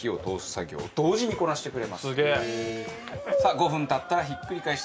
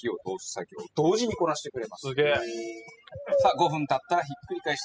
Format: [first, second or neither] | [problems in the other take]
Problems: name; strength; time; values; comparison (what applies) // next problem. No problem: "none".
first | noise reduction (classical method spectral subtraction)